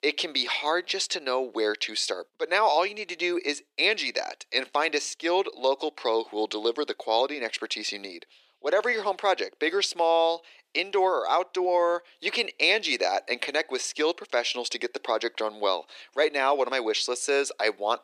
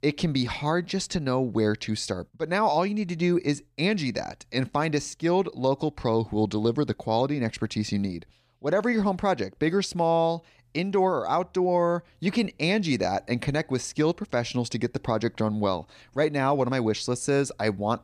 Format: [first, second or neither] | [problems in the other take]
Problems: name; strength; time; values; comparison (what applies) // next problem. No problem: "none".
second | thin; very; fading below 350 Hz